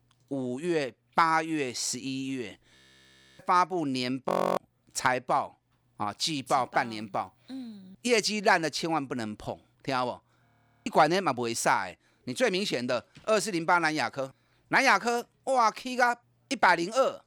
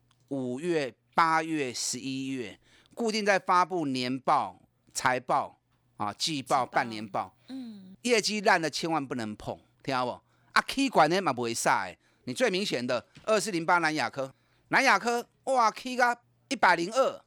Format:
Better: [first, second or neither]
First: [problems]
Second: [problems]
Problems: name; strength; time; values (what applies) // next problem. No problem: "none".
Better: second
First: audio freezing; at 3 s for 0.5 s, at 4.5 s and at 10 s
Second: none